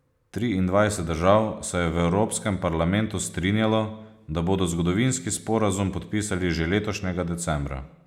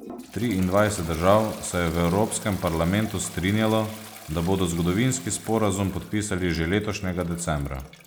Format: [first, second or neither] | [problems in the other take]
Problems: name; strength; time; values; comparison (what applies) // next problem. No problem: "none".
first | background sound (Toilet flush); 18 dB below the speech